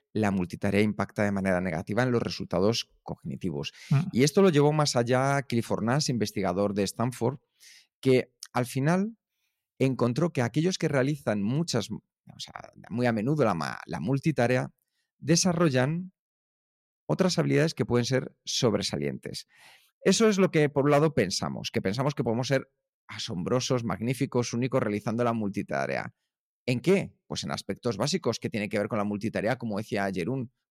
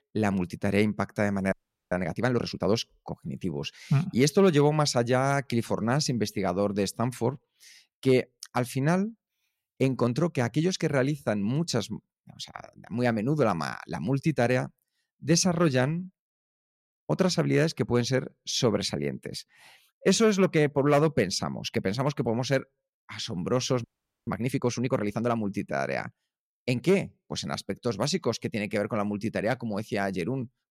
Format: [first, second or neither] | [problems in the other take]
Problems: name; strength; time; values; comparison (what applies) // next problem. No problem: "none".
first | audio freezing; at 1.5 s and at 24 s